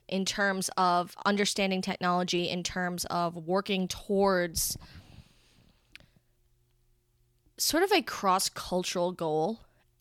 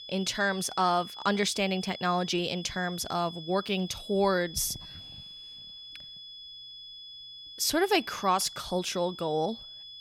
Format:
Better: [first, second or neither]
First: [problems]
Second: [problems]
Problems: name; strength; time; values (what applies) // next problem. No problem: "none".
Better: first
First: none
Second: high-pitched whine; noticeable; throughout; 3.5 kHz, 15 dB below the speech